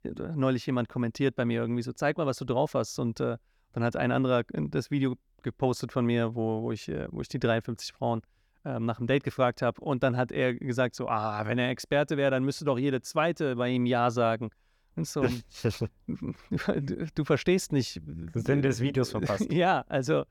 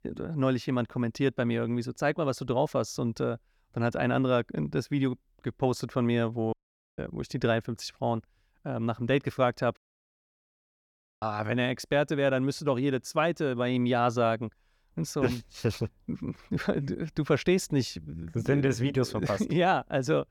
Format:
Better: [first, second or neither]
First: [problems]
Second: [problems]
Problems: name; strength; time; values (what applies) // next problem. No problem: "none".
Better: first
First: none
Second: audio cutting out; at 6.5 s and at 10 s for 1.5 s